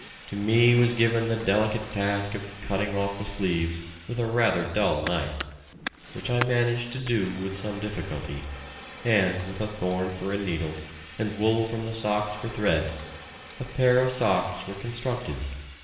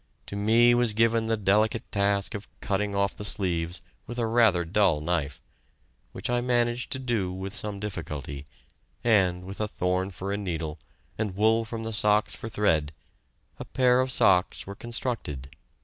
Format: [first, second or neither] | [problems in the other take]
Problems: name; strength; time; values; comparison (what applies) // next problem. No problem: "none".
second | background sound (Fire); 15 dB below the speech // room echo; dies away in 1.1 s